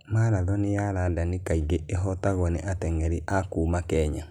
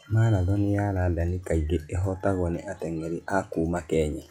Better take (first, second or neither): first